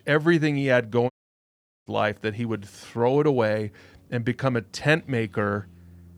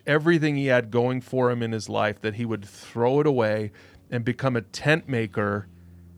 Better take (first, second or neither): second